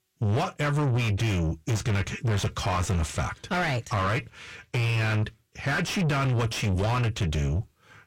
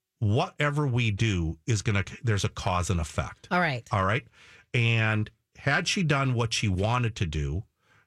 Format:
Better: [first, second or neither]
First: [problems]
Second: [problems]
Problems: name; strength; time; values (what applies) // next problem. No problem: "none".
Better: second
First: distortion; heavy; 7 dB below the speech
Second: none